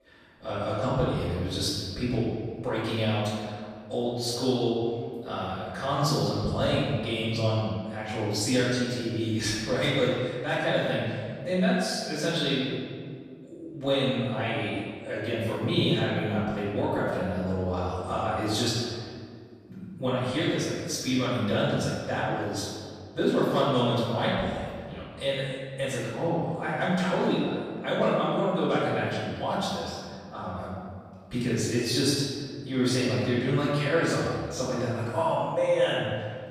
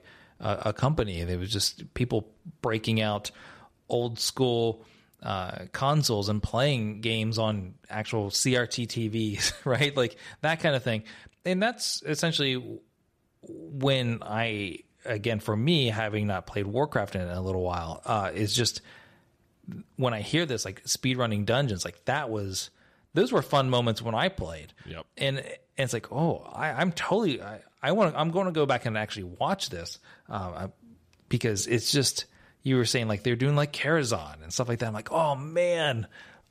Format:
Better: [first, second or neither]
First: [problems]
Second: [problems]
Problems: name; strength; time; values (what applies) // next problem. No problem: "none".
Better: second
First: off-mic speech; far // room echo; strong; dies away in 1.8 s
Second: none